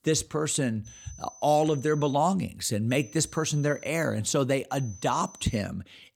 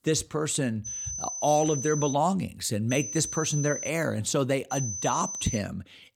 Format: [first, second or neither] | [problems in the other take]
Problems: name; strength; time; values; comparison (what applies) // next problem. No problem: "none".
first | high-pitched whine; loud; from 1 to 2 s, at 3 s and at 4.5 s; 6 kHz, 6 dB below the speech; faint in the first